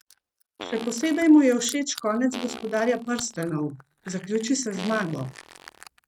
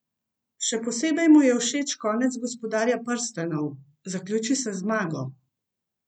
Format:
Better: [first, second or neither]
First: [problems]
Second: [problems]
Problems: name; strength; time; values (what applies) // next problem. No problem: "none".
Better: second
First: noise reduction (neural mask model RNNoise)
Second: none